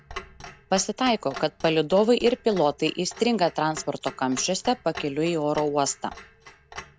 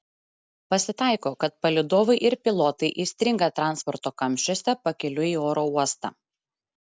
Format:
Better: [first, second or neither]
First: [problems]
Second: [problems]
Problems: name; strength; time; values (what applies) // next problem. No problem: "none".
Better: second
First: background sound (Clock); 17 dB below the speech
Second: none